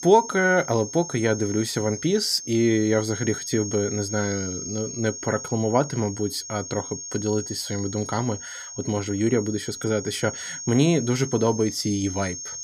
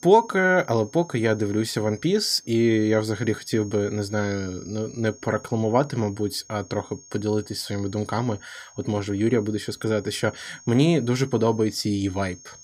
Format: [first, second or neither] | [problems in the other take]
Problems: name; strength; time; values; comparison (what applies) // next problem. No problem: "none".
second | high-pitched whine; loud; throughout; 6.5 kHz, 9 dB below the speech; faint in the second